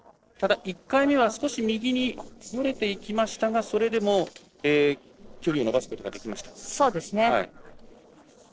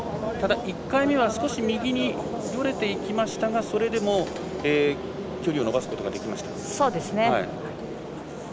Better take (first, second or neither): second